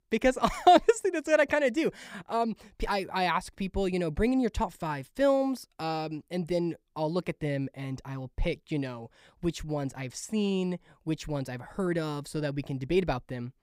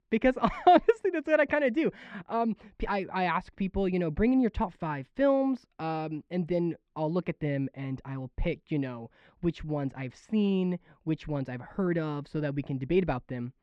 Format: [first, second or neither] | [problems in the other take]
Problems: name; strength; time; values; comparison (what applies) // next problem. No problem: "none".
first | muffled; slightly; fading above 2.5 kHz